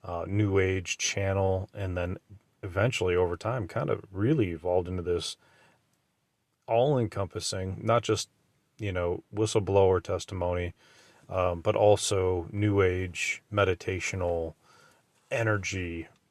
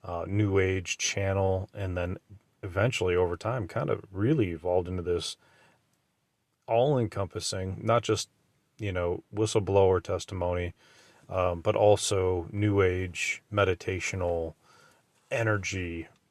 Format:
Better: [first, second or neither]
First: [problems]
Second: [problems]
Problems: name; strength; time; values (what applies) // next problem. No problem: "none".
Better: neither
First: none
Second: none